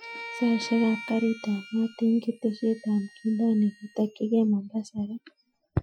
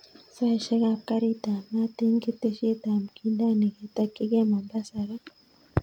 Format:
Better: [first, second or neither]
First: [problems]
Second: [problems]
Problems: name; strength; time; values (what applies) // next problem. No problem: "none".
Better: second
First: noise reduction (classical method Wiener filter)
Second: none